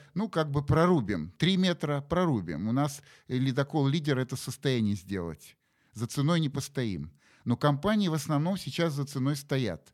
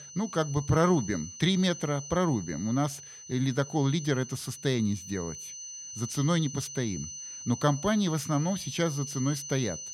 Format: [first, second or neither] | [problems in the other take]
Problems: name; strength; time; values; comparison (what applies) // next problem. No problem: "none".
first | high-pitched whine; noticeable; throughout; 6 kHz, 10 dB below the speech